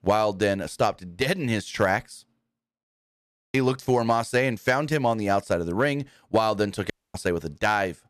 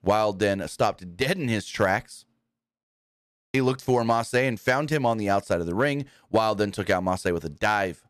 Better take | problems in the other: second | audio cutting out; at 7 s

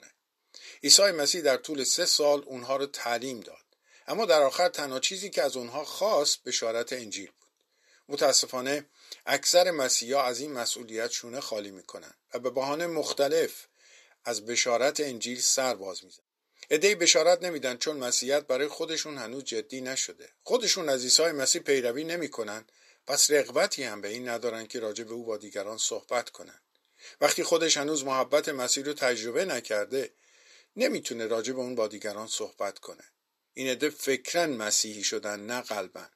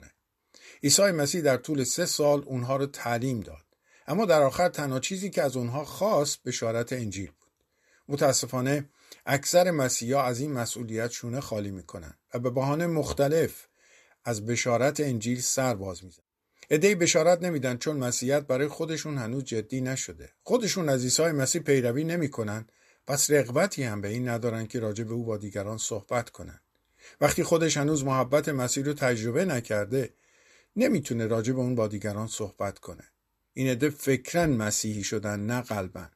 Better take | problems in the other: second | thin; somewhat; fading below 400 Hz

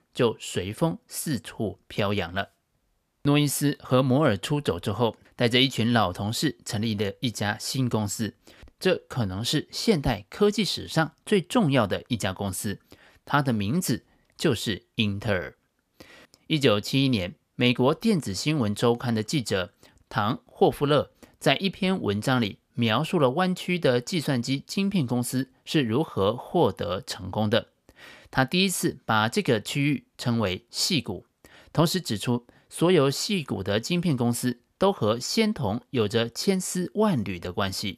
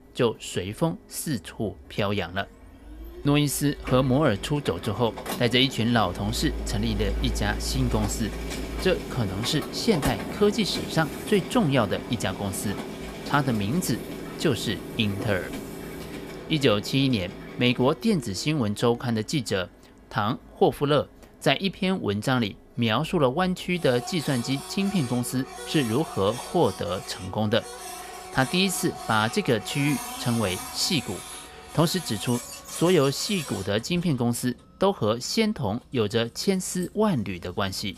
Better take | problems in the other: first | household noises; noticeable; throughout; 10 dB below the speech

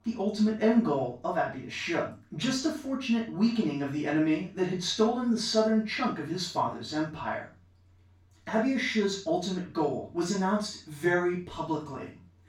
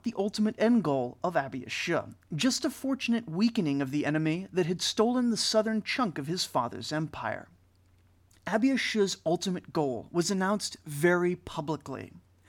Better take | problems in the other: second | room echo; noticeable; dies away in 0.3 s // off-mic speech; far

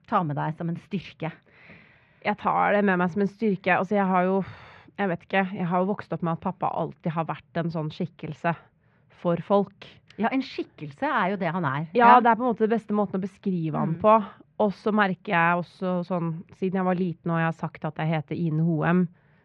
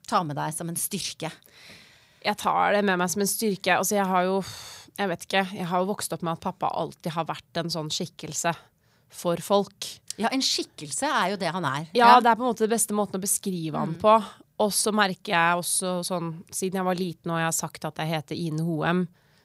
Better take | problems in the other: second | muffled; very; fading above 2.5 kHz

